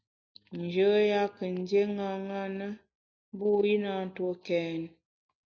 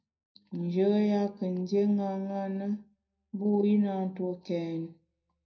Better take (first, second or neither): first